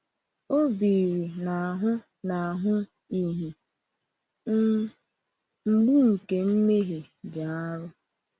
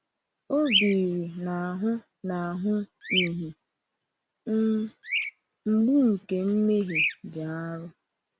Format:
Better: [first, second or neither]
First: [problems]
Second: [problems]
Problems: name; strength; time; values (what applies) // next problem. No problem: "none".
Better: first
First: none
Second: background sound (Bird vocalization, bird call, bird song); 7 dB below the speech